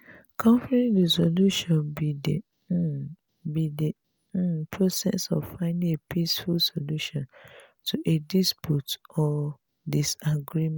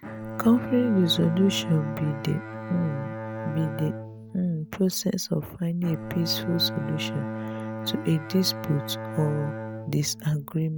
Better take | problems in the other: first | background sound (Bowed string instrument); 8 dB below the speech

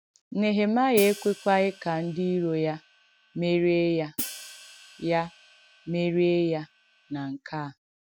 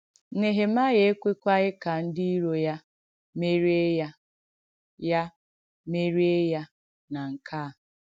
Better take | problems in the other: second | background sound (Hi-hat); 15 dB below the speech

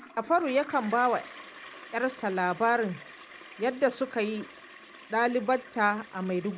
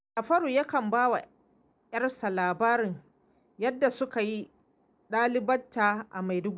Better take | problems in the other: second | background sound (Toilet flush); 18 dB below the speech

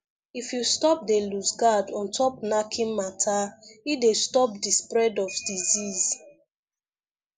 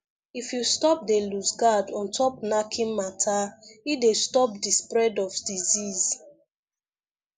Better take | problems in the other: second | background sound (Ringtone / Bell); 19 dB below the speech

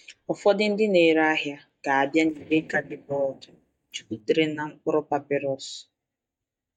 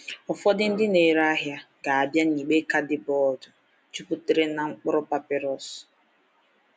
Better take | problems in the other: second | noise reduction (neural mask model DeepFilterNet 3)

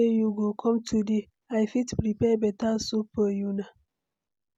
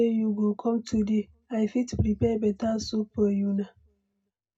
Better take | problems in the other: first | room echo; dies away in 0.2 s

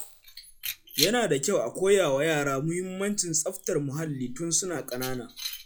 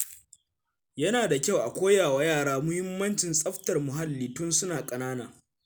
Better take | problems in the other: second | noise reduction (classical method log-MMSE)

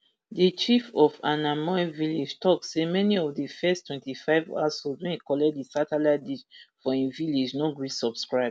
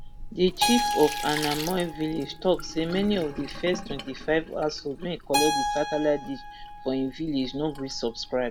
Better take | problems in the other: first | background sound (Keyboard (musical) + Sink (filling or washing)); 5 dB below the speech

